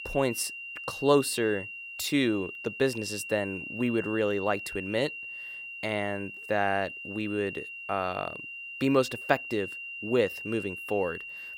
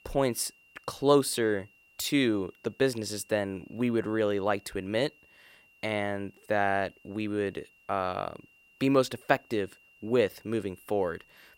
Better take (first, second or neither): second